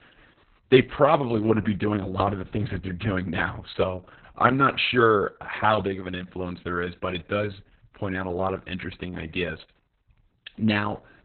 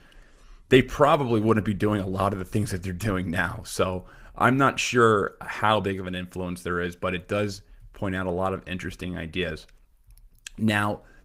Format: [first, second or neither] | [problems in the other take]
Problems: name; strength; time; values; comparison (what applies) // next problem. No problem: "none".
second | garbled, watery; badly; nothing above 4 kHz; slightly in the second